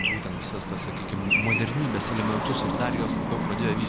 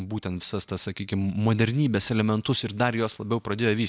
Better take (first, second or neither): second